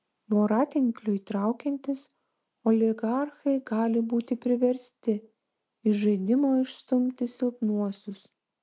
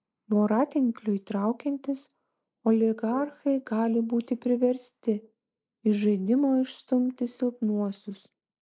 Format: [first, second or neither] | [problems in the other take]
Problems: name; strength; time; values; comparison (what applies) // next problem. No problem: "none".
first | noise reduction (neural mask model Resemble Enhance denoiser)